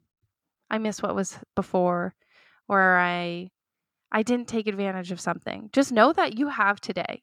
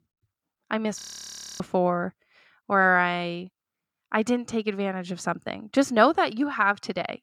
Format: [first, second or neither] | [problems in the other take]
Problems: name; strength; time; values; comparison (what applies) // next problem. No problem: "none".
first | audio freezing; at 1 s for 0.5 s